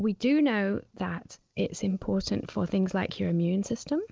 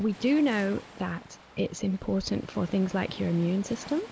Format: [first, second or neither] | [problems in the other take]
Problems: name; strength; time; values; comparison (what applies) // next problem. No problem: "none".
first | background sound (Waves, surf); 19 dB below the speech